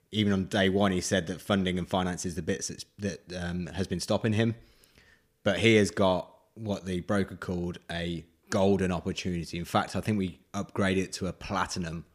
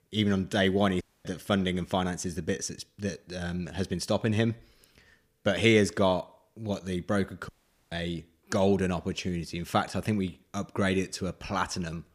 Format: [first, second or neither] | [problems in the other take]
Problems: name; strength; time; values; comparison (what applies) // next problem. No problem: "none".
first | audio cutting out; at 1 s and at 7.5 s